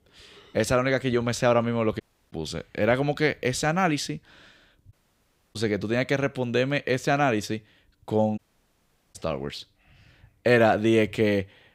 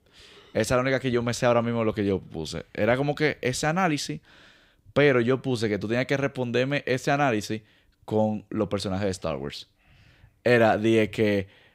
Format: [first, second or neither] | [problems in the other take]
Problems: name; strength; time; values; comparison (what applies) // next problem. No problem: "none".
second | audio cutting out; at 2 s, at 5 s for 0.5 s and at 8.5 s for 1 s